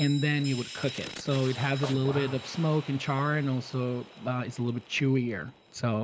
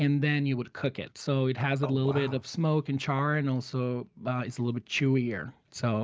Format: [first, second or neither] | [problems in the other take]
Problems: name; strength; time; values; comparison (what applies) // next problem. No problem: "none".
second | background sound (Bell + Fire); 15 dB below the speech